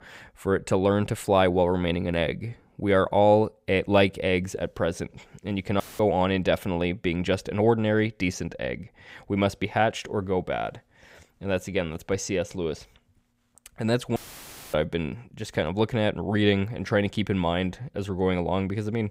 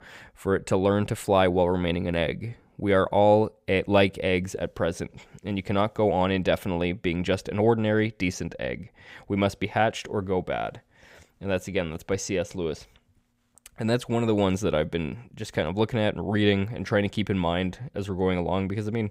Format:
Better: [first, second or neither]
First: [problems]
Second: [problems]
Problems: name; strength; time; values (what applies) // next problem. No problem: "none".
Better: second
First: audio cutting out; filled with static; at 6 s and at 14 s for 0.5 s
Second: none